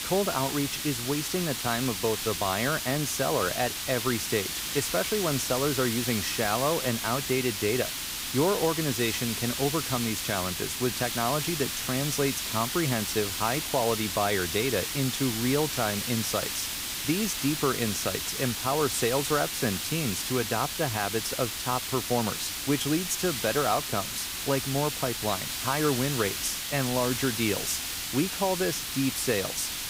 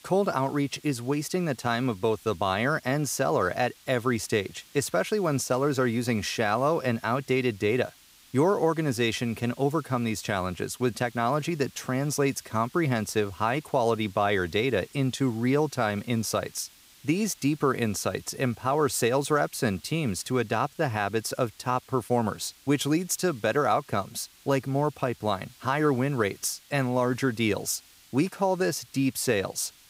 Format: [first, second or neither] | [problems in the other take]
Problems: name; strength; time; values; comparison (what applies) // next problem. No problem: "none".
second | hiss; loud; throughout; 2 dB below the speech; faint in the second